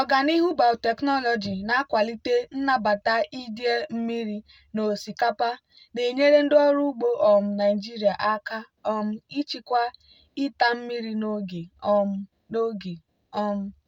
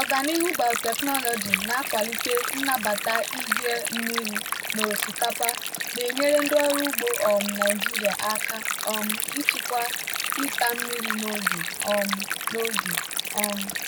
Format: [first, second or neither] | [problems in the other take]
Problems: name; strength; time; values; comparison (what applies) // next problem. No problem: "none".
first | background sound (Stream); as loud as the speech